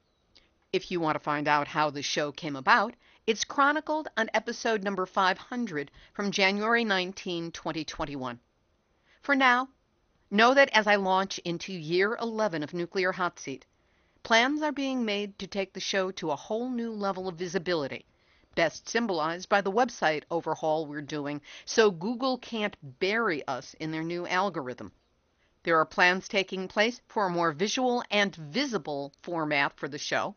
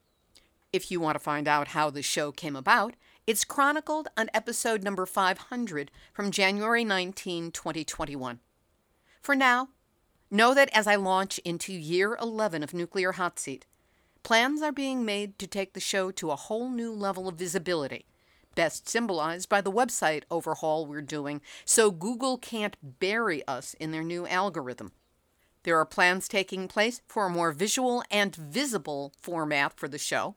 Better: second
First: garbled, watery; slightly; nothing above 6.5 kHz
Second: none

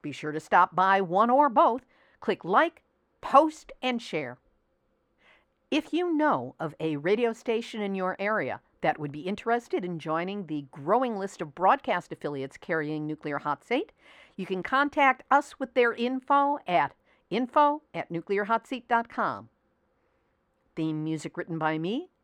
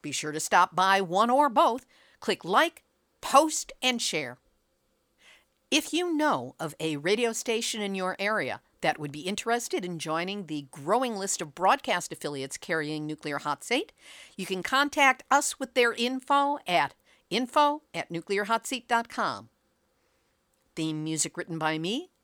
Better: second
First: muffled; very; fading above 3.5 kHz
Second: none

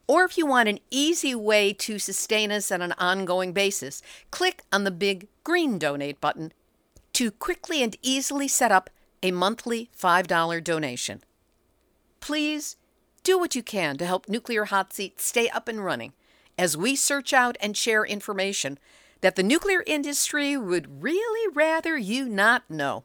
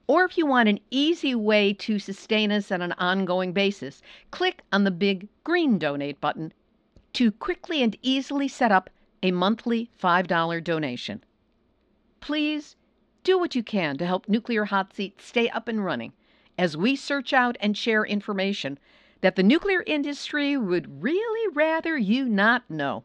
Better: first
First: none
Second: muffled; slightly; fading above 4 kHz

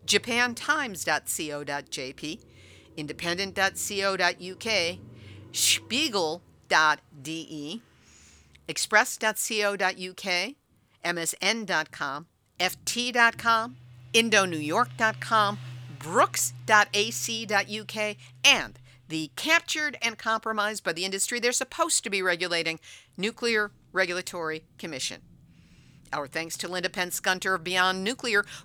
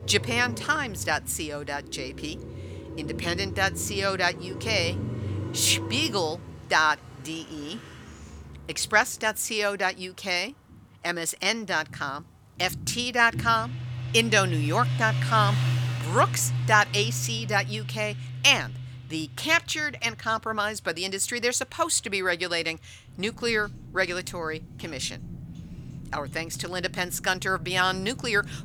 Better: first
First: traffic noise; faint; throughout; 25 dB below the speech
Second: traffic noise; loud; throughout; 8 dB below the speech

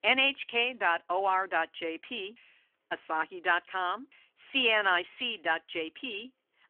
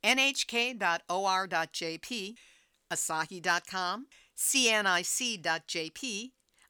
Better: second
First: phone-call audio; nothing above 3 kHz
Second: none

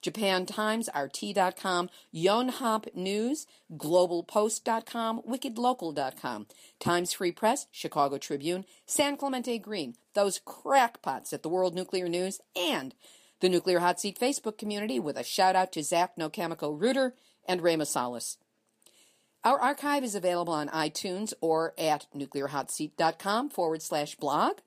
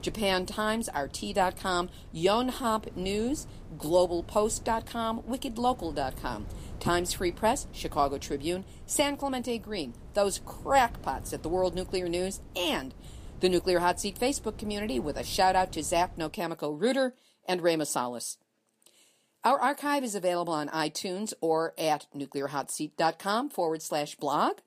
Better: first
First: none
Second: wind noise on the microphone; occasional gusts; until 16 s; 25 dB below the speech

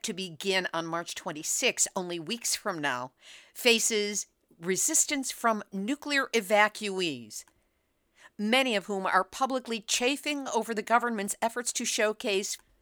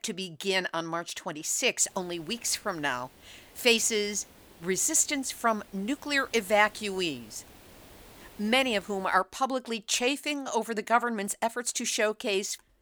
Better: first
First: none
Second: hiss; faint; from 2 to 9 s; 25 dB below the speech

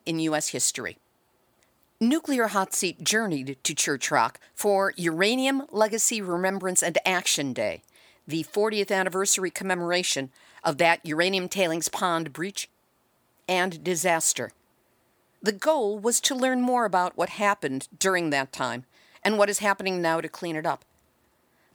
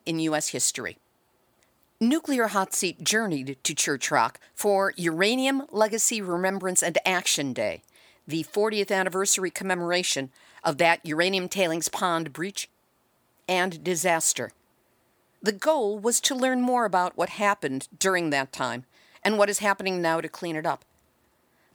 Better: neither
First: none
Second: none

